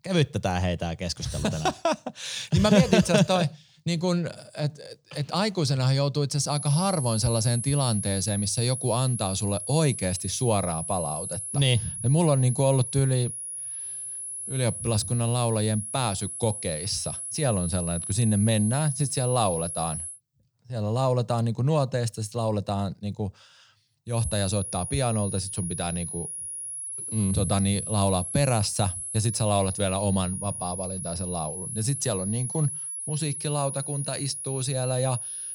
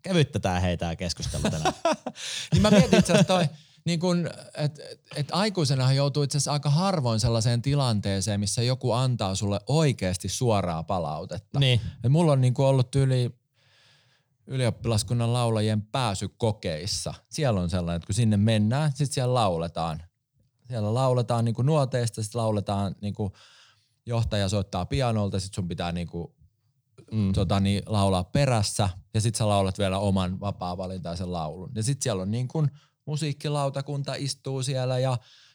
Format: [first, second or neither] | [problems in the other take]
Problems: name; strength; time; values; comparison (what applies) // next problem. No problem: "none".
second | high-pitched whine; loud; from 6.5 to 20 s and from 24 s on; 10.5 kHz, 5 dB below the speech